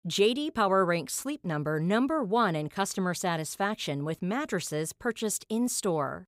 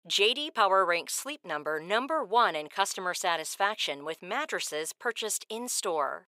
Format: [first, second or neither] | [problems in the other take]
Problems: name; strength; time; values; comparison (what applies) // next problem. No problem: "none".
first | thin; very; fading below 550 Hz